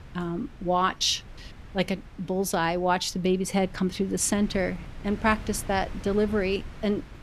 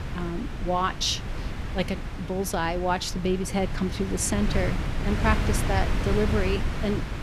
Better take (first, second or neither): first